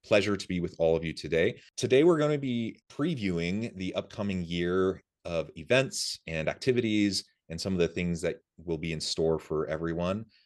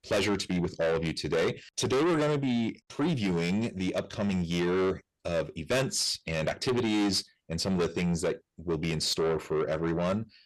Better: first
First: none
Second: distortion; heavy; 6 dB below the speech

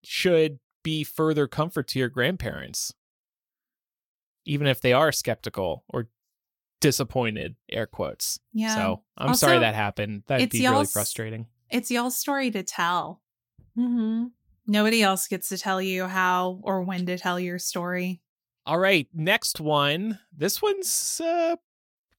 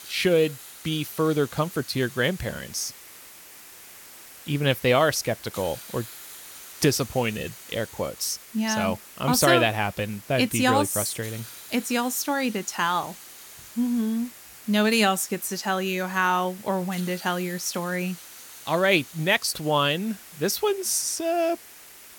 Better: first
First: none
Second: hiss; noticeable; throughout; 15 dB below the speech

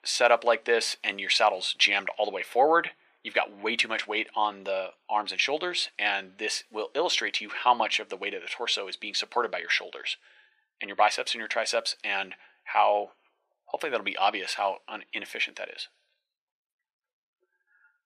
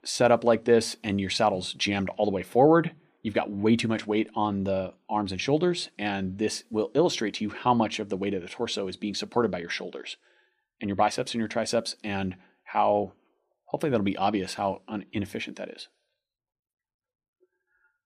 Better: second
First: thin; very; fading below 650 Hz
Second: none

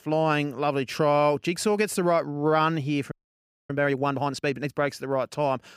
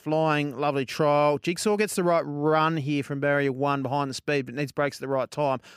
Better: second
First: audio freezing; at 3 s for 0.5 s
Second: none

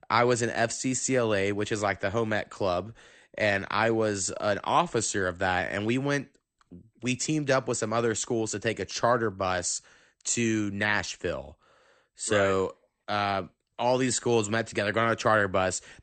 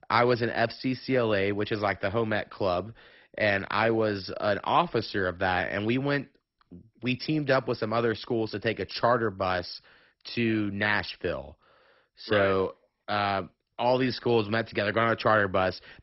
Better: first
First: garbled, watery; slightly; nothing above 8.5 kHz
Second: garbled, watery; badly; nothing above 5.5 kHz

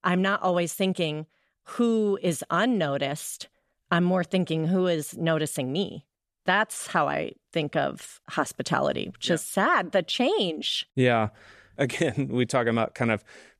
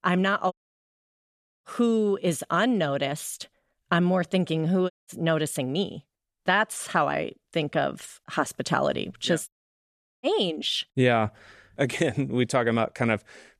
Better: first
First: none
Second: audio cutting out; at 0.5 s for 1 s, at 5 s and at 9.5 s for 1 s

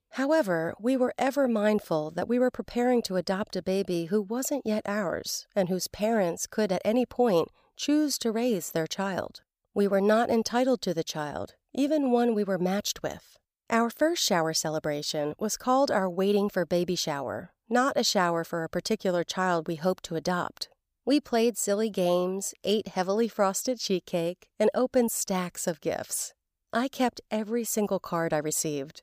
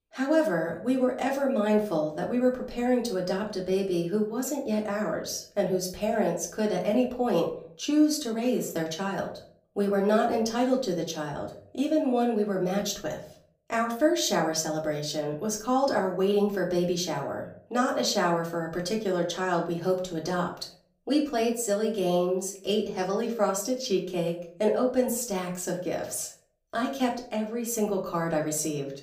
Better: first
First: none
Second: room echo; slight; dies away in 0.4 s // off-mic speech; far

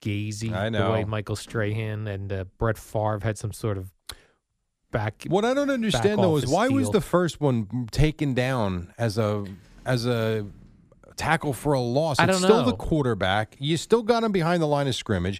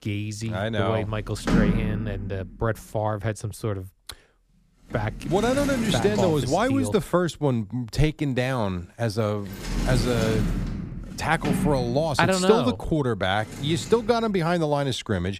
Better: first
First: household noises; faint; throughout; 30 dB below the speech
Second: household noises; loud; throughout; 5 dB below the speech

